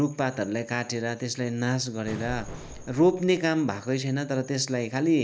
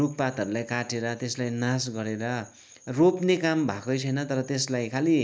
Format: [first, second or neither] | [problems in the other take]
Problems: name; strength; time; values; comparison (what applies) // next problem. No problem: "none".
second | background sound (Explosion); 16 dB below the speech